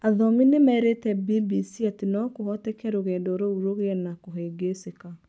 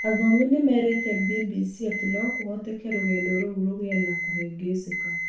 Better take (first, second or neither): first